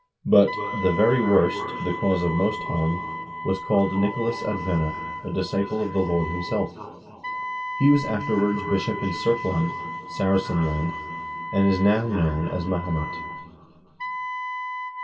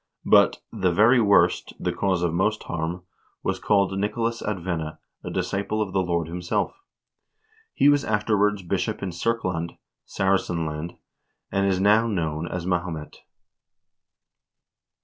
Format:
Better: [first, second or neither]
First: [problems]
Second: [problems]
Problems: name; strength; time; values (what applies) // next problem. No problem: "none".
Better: second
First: background sound (Wind instrument, woodwind instrument); 9 dB below the speech // room echo; dies away in 2.9 s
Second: none